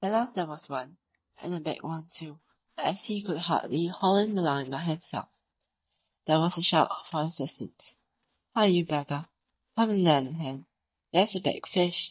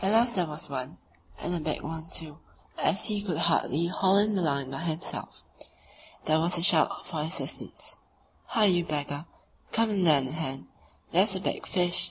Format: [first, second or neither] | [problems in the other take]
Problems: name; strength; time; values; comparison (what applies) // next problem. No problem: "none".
second | noise reduction (neural mask model DeepFilterNet 3)